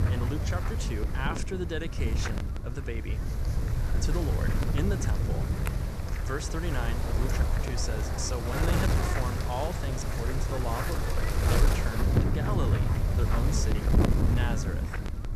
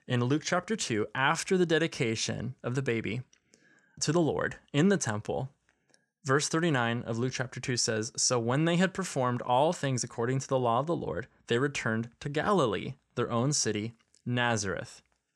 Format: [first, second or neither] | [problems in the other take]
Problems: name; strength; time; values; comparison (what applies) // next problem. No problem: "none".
second | wind noise on the microphone; heavy; 1 dB above the speech